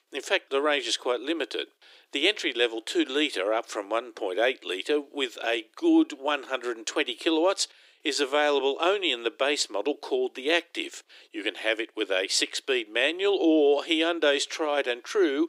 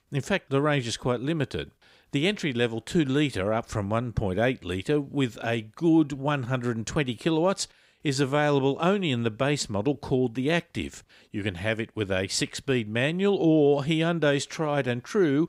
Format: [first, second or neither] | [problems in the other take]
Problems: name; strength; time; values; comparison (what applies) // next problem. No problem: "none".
second | thin; somewhat; fading below 300 Hz